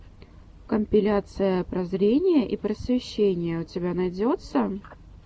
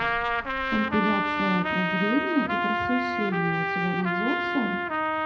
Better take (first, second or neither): first